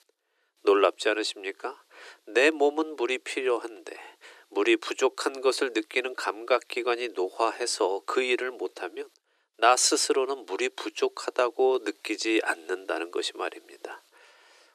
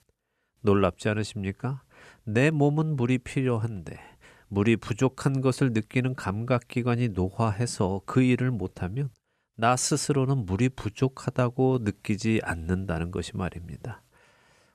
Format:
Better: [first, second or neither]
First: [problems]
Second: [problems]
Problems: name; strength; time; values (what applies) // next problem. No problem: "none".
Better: second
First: thin; very; fading below 300 Hz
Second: none